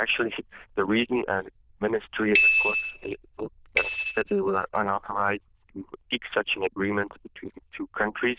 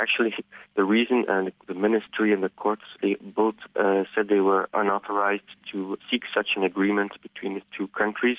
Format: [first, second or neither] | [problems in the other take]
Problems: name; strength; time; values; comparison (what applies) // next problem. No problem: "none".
second | noise reduction (neural diffusion model UNIVERSE++)